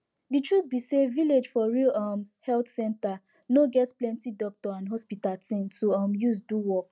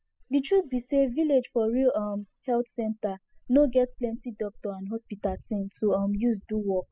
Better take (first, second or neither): first